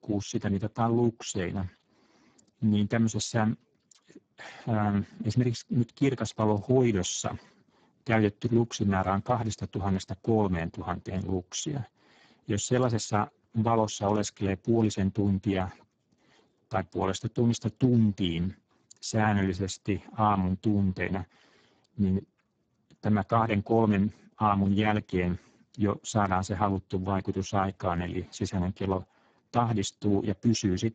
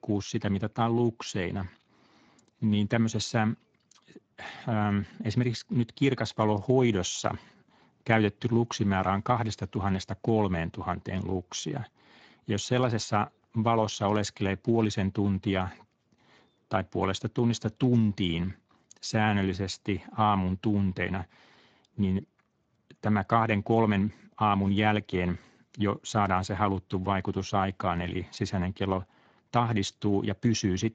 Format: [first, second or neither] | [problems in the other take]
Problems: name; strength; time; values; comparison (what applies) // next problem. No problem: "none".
second | garbled, watery; badly; nothing above 7.5 kHz; slightly in the second